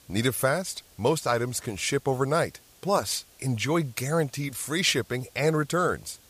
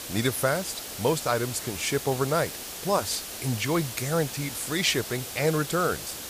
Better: first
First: hiss; faint; throughout; 25 dB below the speech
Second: hiss; loud; throughout; 7 dB below the speech

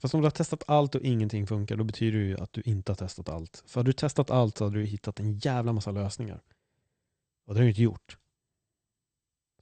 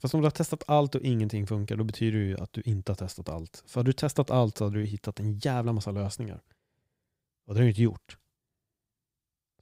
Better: second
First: garbled, watery; slightly; nothing above 8.5 kHz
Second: none

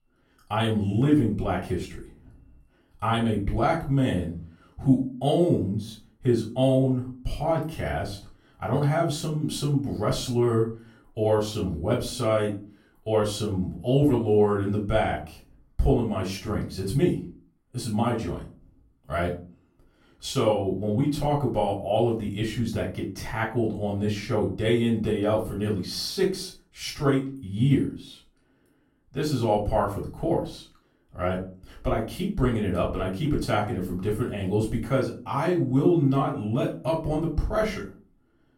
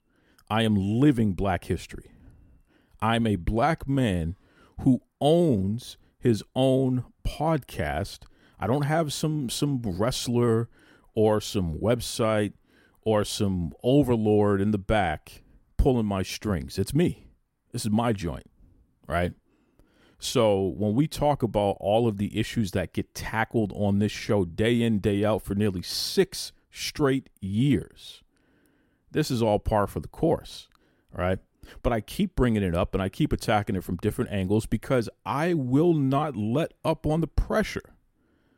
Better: second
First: off-mic speech; far // room echo; slight; dies away in 0.3 s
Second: none

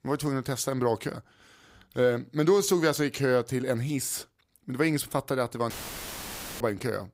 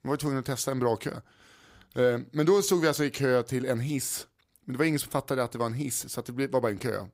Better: second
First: audio cutting out; filled with static; at 5.5 s for 1 s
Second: none

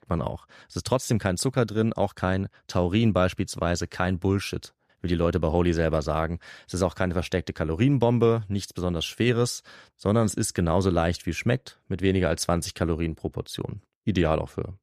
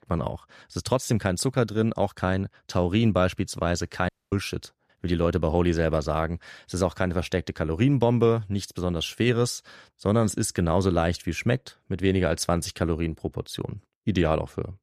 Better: first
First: none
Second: audio cutting out; at 4 s

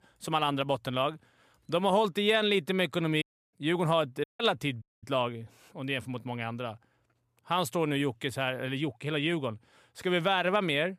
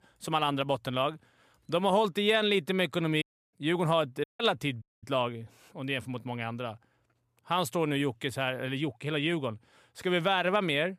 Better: neither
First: audio cutting out; at 3 s, at 4 s and at 5 s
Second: audio cutting out; at 3 s, at 4 s and at 5 s

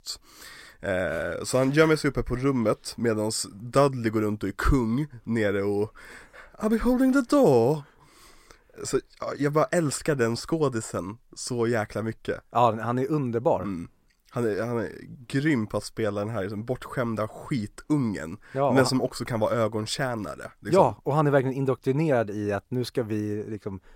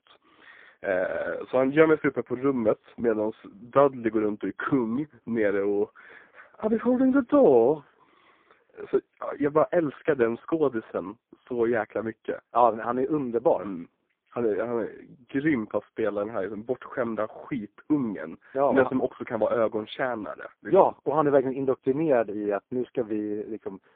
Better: first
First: none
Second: phone-call audio; poor line

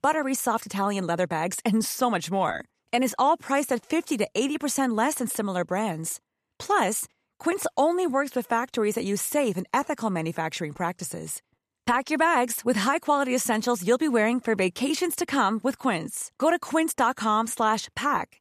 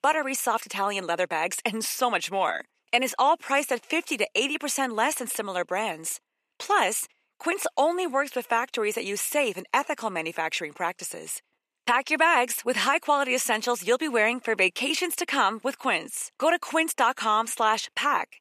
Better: first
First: none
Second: thin; somewhat; fading below 400 Hz

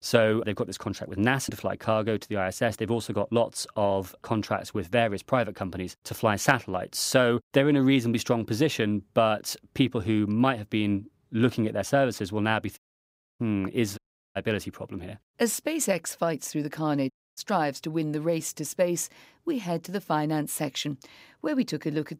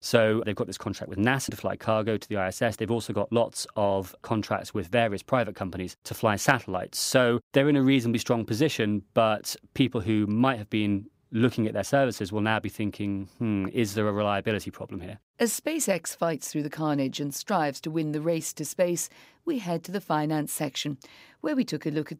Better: second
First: audio cutting out; at 13 s for 0.5 s, at 14 s and at 17 s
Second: none

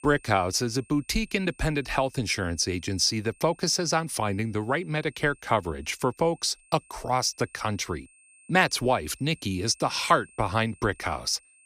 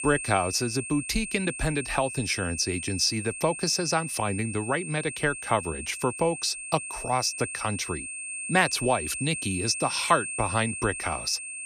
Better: first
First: high-pitched whine; faint; throughout; 8.5 kHz, 30 dB below the speech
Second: high-pitched whine; loud; throughout; 8.5 kHz, 6 dB below the speech

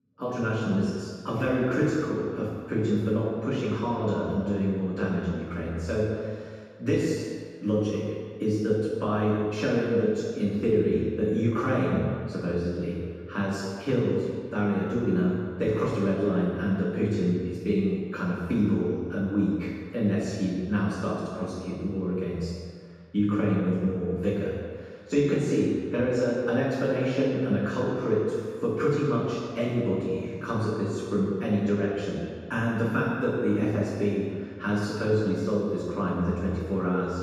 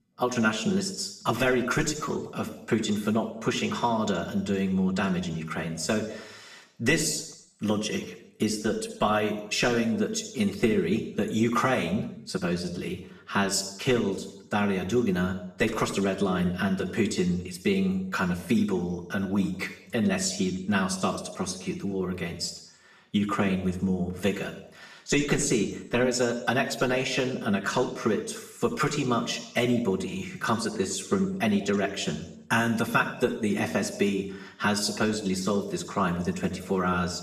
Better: second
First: room echo; strong; dies away in 1.8 s // off-mic speech; far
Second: room echo; slight; dies away in 0.7 s // off-mic speech; somewhat distant

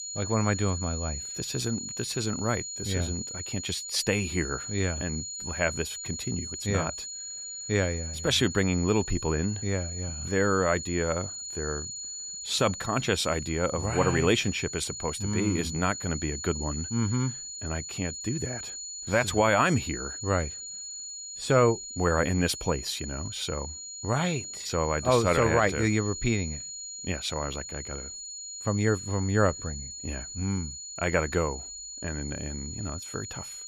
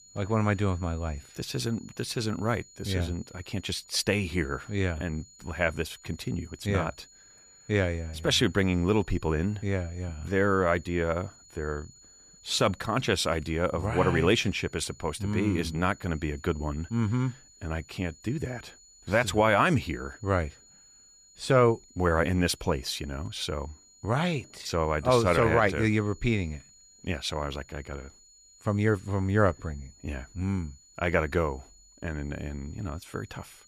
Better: second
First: high-pitched whine; loud; throughout; 7 kHz, 7 dB below the speech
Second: high-pitched whine; faint; throughout; 7 kHz, 25 dB below the speech

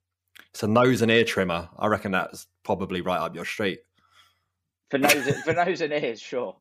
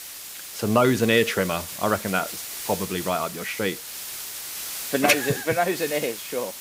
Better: first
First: none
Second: hiss; loud; throughout; 9 dB below the speech

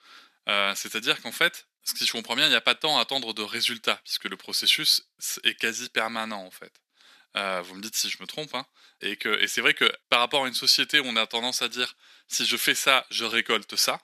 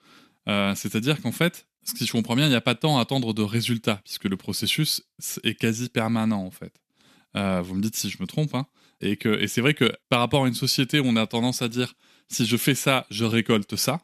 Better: second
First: thin; very; fading below 500 Hz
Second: none

